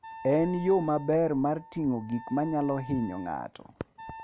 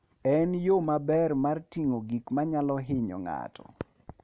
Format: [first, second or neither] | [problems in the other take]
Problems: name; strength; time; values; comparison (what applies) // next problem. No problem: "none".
second | background sound (Wind instrument, woodwind instrument); 17 dB below the speech